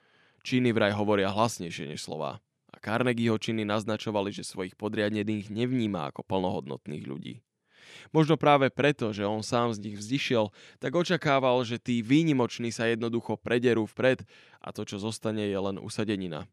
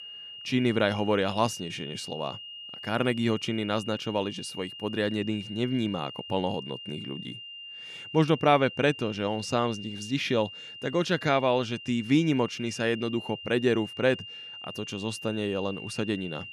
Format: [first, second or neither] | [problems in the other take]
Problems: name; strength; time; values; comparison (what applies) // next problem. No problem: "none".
first | high-pitched whine; noticeable; throughout; 3 kHz, 10 dB below the speech